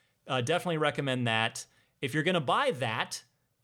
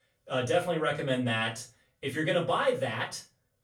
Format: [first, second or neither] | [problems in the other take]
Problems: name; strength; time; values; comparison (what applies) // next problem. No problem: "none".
first | off-mic speech; far // room echo; very slight; dies away in 0.3 s